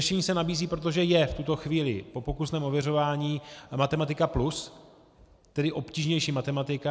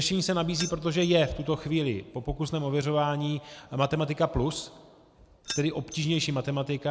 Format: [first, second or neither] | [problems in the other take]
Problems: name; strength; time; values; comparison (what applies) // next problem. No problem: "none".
first | background sound (Keys jangling); 15 dB below the speech